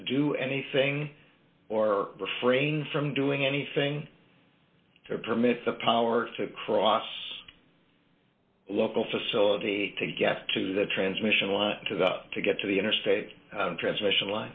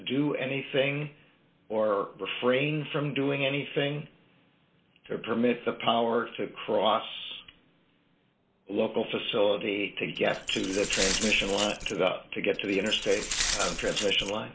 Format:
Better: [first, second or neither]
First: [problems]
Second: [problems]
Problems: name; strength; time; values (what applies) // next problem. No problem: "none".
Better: first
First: none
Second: background sound (Glass); 5 dB below the speech